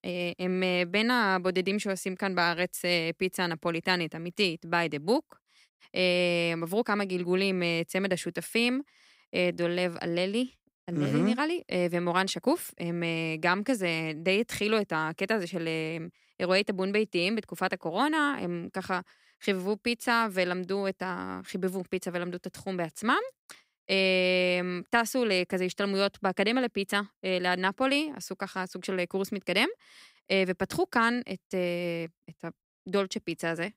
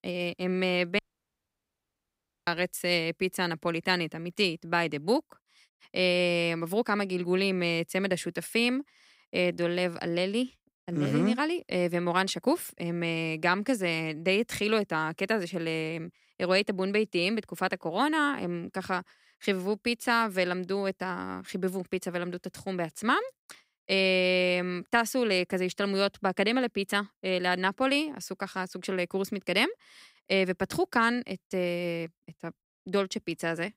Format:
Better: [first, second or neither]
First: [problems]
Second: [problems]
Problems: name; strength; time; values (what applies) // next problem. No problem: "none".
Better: first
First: none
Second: audio cutting out; at 1 s for 1.5 s